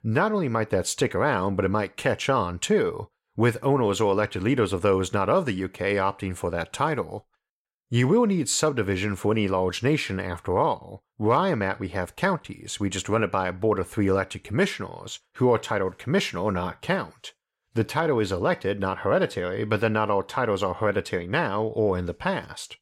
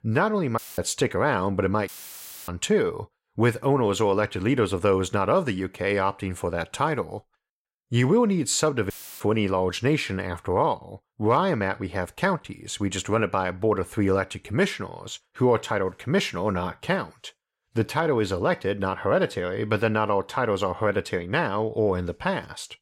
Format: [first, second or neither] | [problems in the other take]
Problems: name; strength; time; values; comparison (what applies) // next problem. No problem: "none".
first | audio cutting out; filled with static; at 0.5 s, at 2 s for 0.5 s and at 9 s